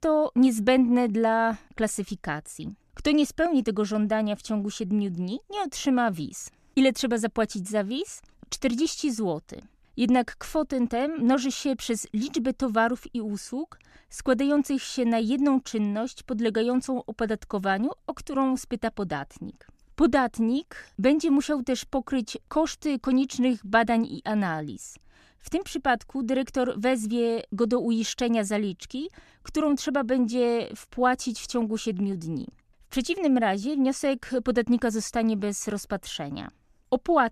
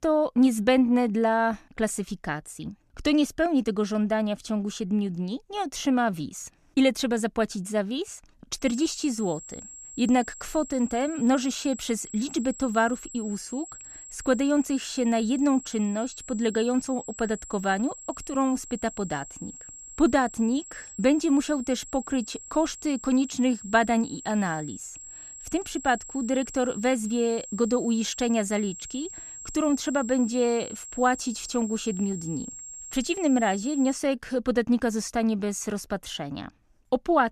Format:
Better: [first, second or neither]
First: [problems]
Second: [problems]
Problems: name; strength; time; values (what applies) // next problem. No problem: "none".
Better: first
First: none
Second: high-pitched whine; noticeable; from 8.5 to 34 s; 7.5 kHz, 15 dB below the speech